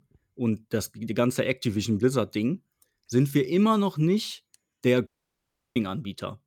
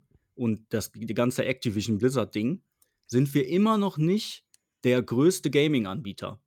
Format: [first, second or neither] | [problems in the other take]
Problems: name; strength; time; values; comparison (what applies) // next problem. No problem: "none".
second | audio cutting out; at 5 s for 0.5 s